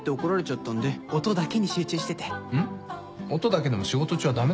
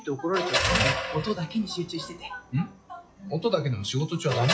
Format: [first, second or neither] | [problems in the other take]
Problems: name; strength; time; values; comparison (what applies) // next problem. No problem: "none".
first | noise reduction (classical method log-MMSE)